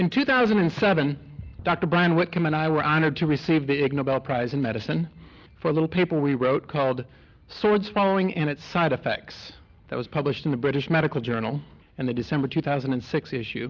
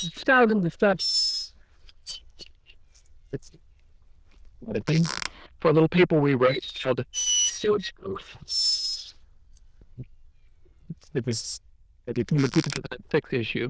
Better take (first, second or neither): first